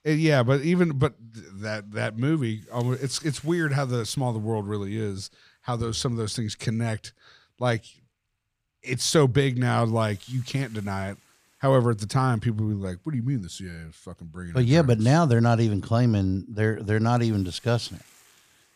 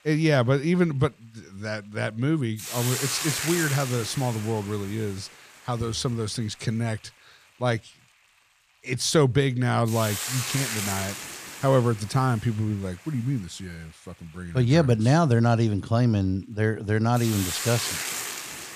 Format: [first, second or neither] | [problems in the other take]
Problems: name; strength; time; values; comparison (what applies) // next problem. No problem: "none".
first | hiss; loud; throughout; 5 dB below the speech; faint in the first